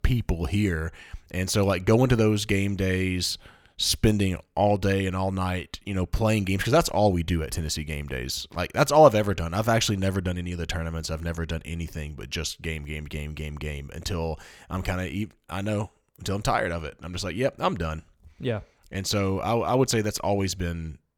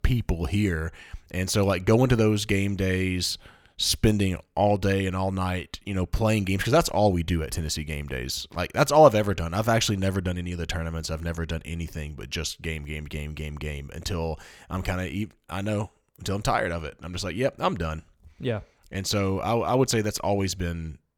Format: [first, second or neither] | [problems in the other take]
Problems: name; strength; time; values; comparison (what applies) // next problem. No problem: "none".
neither | none